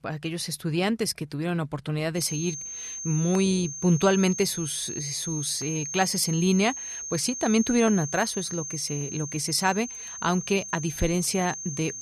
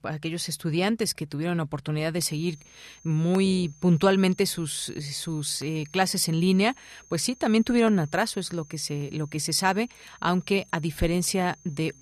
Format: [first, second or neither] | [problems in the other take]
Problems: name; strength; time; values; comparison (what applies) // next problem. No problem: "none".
second | high-pitched whine; loud; from 2 s on; 6.5 kHz, 7 dB below the speech; faint in the second